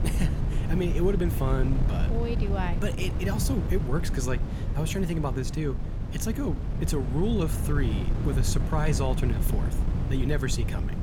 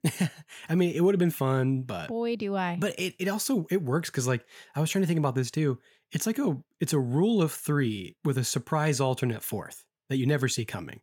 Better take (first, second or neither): second